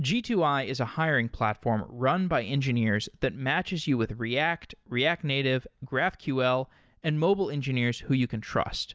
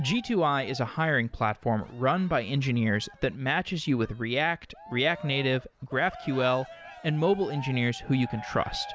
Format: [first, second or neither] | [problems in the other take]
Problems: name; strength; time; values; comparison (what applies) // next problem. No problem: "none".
first | background sound (Cheering); 18 dB below the speech